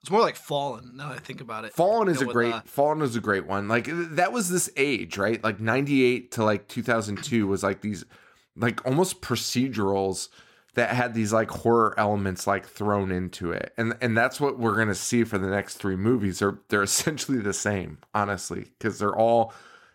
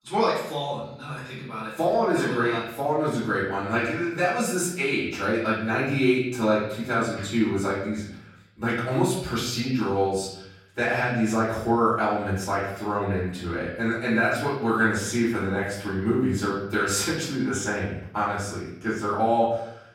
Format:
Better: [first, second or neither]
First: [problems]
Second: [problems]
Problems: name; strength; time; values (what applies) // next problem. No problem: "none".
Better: first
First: none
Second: off-mic speech; far // room echo; noticeable; dies away in 0.7 s